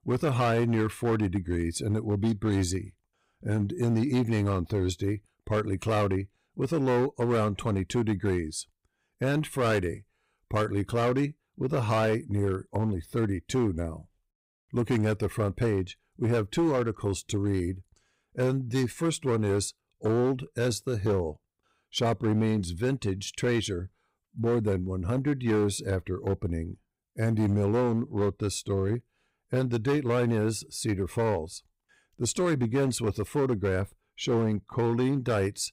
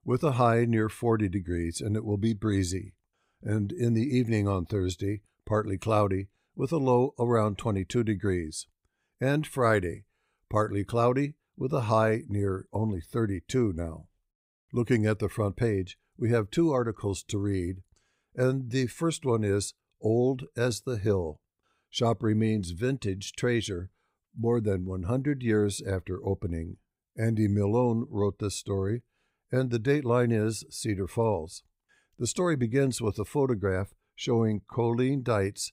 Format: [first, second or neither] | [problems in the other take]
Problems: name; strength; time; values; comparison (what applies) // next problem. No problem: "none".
second | distortion; slight; 8% of the sound clipped